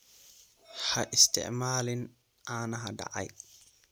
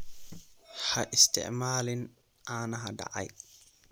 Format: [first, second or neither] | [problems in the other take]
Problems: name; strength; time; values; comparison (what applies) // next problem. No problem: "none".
first | background sound (Cricket); 14 dB below the speech